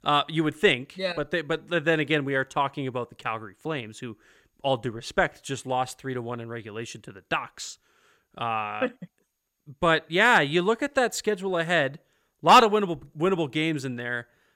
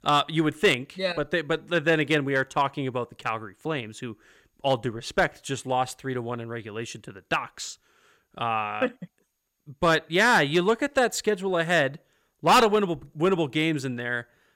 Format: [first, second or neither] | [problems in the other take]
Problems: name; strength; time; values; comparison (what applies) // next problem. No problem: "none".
first | distortion; slight; 1.5% of the sound clipped